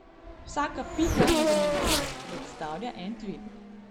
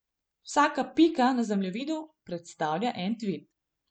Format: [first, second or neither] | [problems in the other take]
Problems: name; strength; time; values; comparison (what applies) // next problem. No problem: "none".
second | background sound (Race car, auto racing / Accelerating, revving, vroom); 5 dB above the speech